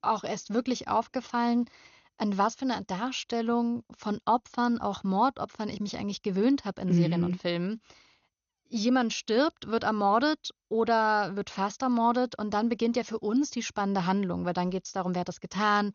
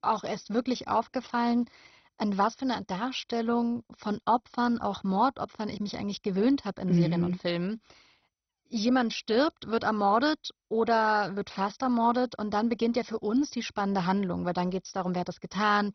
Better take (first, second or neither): first